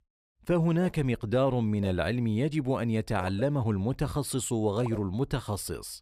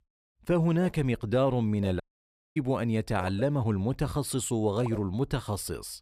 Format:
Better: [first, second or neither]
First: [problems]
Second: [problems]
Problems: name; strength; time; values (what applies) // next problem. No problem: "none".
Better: first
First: none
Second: audio cutting out; at 2 s for 0.5 s